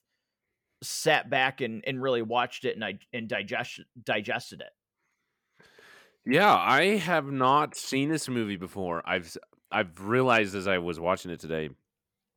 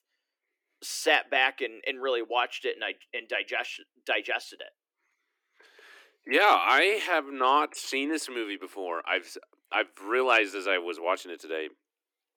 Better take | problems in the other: first | thin; somewhat; fading below 300 Hz

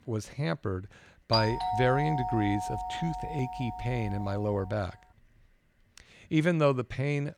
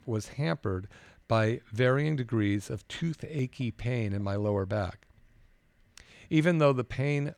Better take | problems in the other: second | doorbell; loud; from 1.5 to 4.5 s; peak 1 dB above the speech

